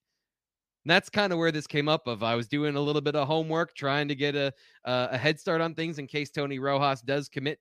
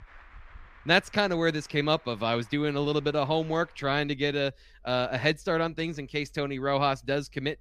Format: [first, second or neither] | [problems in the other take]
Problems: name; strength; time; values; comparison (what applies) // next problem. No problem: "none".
first | traffic noise; faint; throughout; 30 dB below the speech